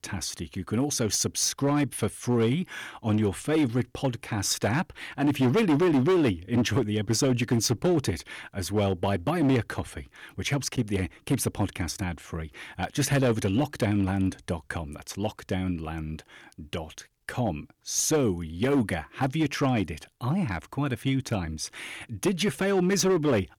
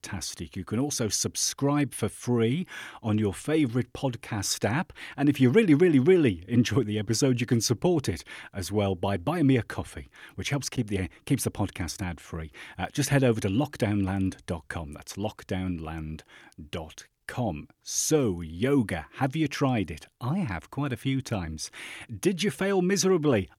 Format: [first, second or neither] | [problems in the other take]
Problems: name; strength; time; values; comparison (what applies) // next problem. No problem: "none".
second | distortion; slight; 6% of the sound clipped